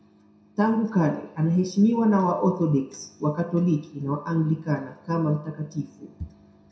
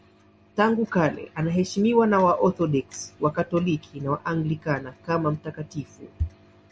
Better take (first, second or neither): second